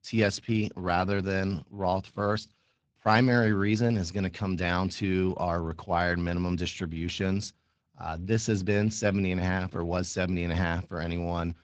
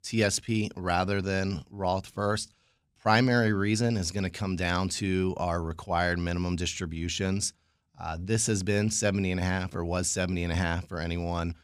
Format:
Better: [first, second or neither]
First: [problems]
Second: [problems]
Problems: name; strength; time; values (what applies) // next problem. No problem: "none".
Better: second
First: garbled, watery; slightly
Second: none